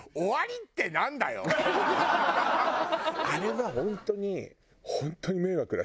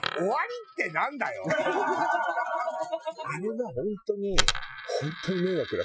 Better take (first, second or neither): first